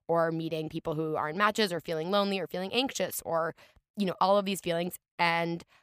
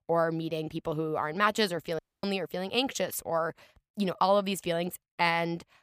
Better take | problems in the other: first | audio cutting out; at 2 s

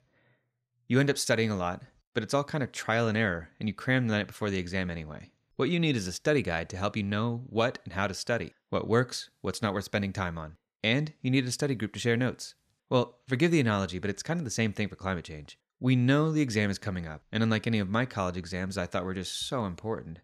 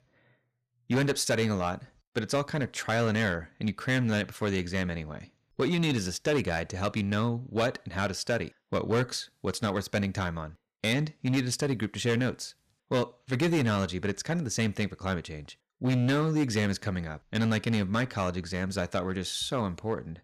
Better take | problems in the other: first | distortion; slight; 6% of the sound clipped

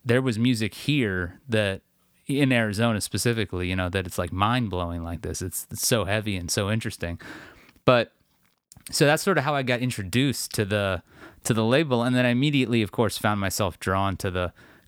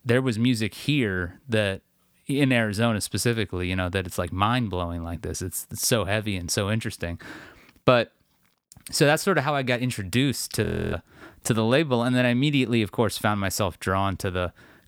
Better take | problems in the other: first | audio freezing; at 11 s

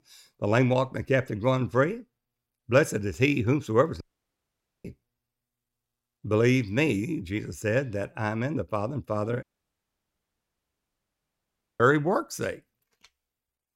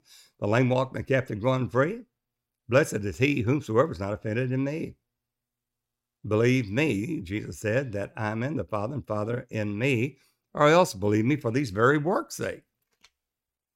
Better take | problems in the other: second | audio cutting out; at 4 s for 1 s and at 9.5 s for 2.5 s

